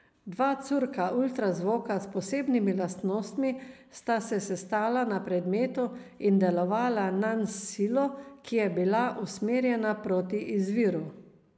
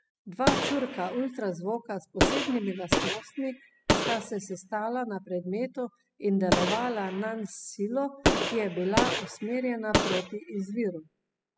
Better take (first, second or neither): first